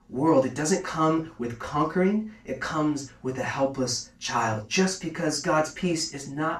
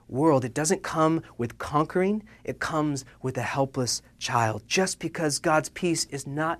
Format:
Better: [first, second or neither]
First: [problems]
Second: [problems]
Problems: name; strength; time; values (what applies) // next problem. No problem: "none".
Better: second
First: room echo; slight; dies away in 0.3 s // off-mic speech; far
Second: none